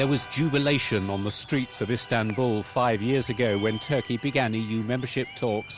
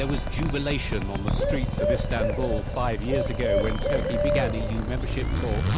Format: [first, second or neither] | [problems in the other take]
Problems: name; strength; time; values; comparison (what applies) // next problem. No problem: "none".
first | background sound (Zipper (clothing) + Bird); 4 dB above the speech